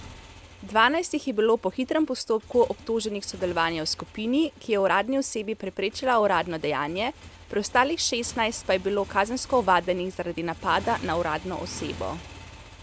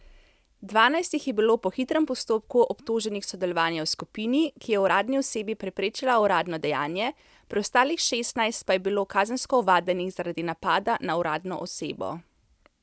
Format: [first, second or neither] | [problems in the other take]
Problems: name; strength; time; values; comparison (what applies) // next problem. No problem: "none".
second | background sound (Motorcycle); 19 dB below the speech